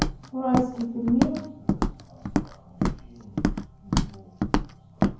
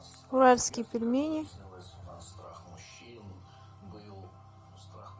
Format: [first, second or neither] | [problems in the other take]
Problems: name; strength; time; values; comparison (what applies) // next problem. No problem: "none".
second | background sound (Walk, footsteps); 3 dB above the speech // room echo; dies away in 0.9 s